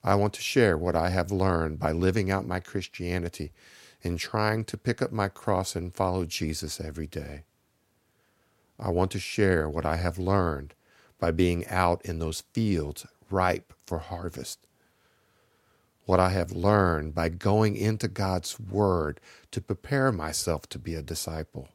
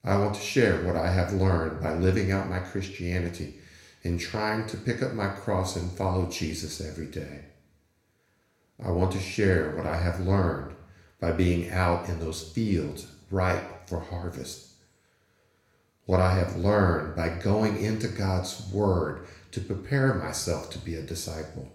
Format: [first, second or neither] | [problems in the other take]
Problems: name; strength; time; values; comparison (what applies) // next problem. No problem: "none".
first | room echo; slight; dies away in 0.7 s